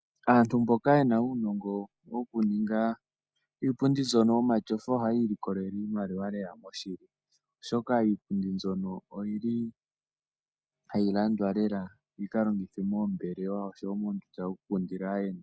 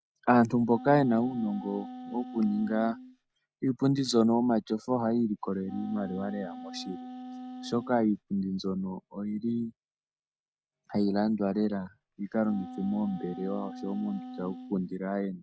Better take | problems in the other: first | background sound (Wind instrument, woodwind instrument); 13 dB below the speech

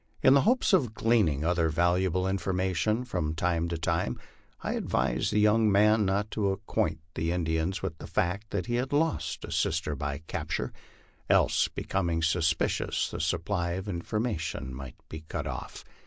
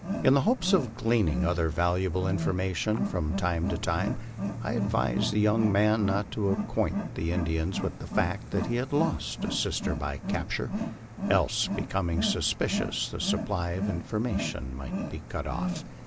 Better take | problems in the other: first | background sound (Wild animals); 5 dB below the speech

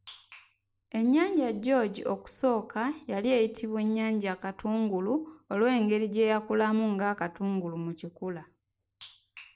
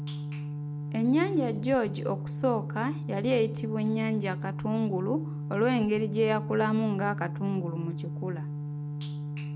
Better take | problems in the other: first | background sound (Organ); 5 dB below the speech

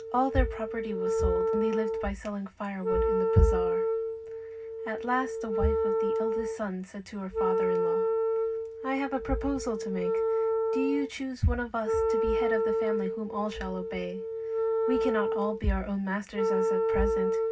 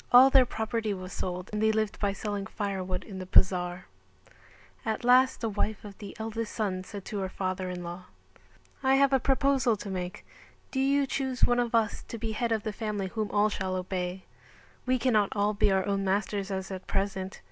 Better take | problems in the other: second | background sound (Wind instrument, woodwind instrument); 2 dB above the speech // room echo; dies away in 0.4 s

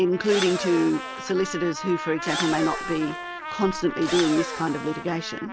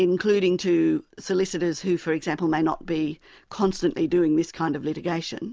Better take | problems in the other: second | background sound (Engine / Drill + Trumpet); 8 dB below the speech

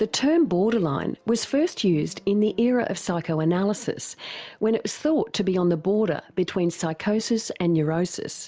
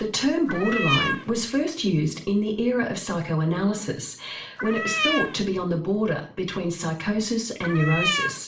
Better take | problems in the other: first | background sound (Cat); 1 dB below the speech // room echo; dies away in 0.4 s

